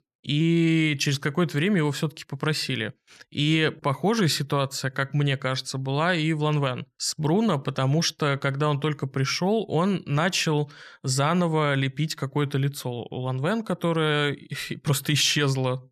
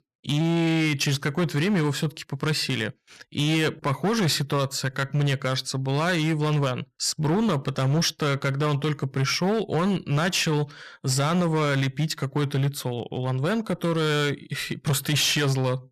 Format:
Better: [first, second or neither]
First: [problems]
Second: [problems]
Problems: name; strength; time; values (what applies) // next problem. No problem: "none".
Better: first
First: none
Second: distortion; slight; 14% of the sound clipped